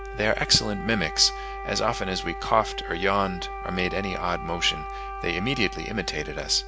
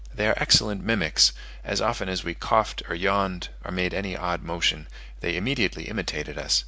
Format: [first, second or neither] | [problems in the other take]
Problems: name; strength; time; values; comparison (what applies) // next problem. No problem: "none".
second | background sound (Wind instrument, woodwind instrument); 10 dB below the speech